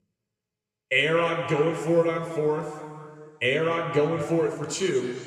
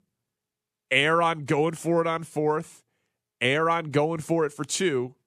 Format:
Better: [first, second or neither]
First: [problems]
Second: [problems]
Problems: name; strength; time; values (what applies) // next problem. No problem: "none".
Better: second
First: room echo; noticeable; dies away in 2.4 s // off-mic speech; somewhat distant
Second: none